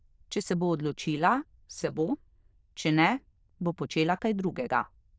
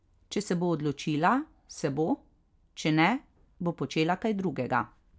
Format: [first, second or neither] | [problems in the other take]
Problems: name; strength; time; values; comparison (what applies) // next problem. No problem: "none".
second | noise reduction (neural diffusion model UNIVERSE++)